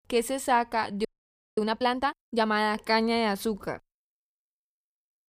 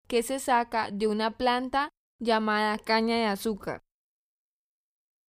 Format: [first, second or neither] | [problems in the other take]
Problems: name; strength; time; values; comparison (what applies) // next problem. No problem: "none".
second | audio freezing; at 1 s for 0.5 s